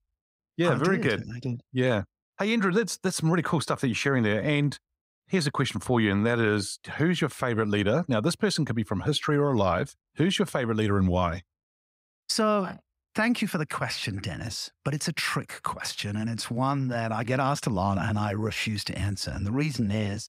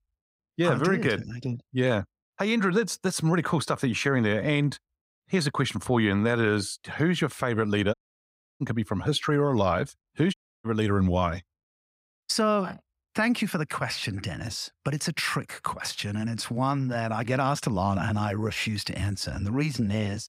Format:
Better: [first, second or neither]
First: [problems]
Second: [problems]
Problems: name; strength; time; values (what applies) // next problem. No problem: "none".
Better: first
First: none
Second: audio cutting out; at 8 s for 0.5 s and at 10 s